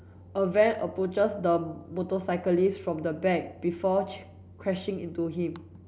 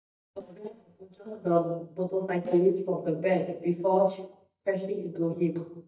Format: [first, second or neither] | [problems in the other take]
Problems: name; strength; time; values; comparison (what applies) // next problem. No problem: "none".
first | noise reduction (neural mask model DeepFilterNet 3)